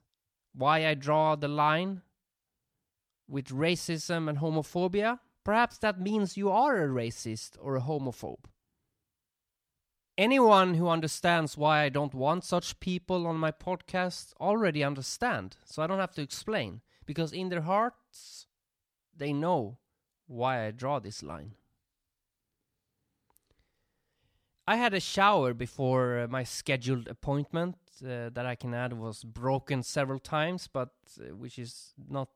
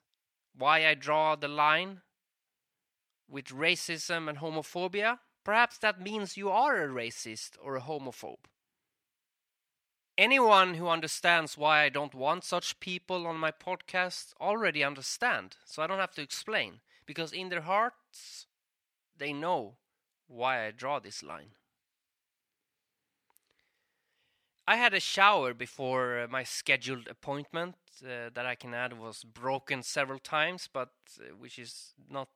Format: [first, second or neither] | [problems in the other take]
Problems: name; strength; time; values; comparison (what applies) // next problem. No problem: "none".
first | thin; somewhat; fading below 600 Hz